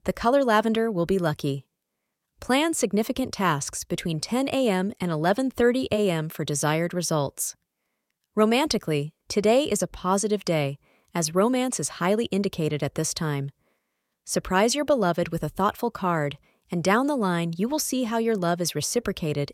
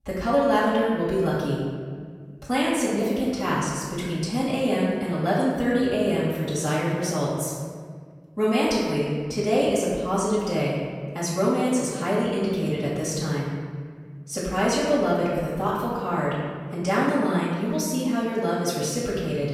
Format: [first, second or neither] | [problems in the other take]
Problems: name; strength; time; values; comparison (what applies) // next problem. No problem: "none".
first | room echo; strong; dies away in 1.7 s // off-mic speech; far